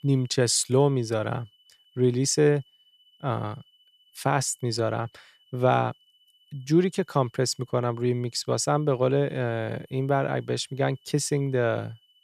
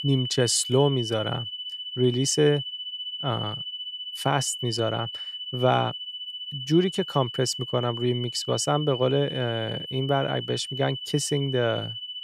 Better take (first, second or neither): first